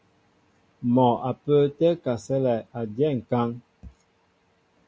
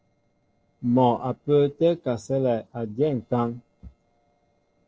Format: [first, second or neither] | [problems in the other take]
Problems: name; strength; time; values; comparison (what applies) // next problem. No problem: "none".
first | noise reduction (neural separator model SepFormer DNS4)